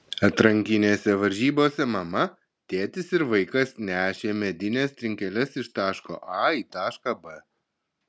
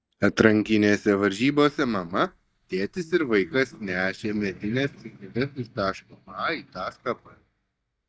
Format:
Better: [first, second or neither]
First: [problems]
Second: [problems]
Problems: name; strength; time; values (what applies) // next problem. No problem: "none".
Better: first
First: none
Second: noise reduction (neural mask model DeepFilterNet 3)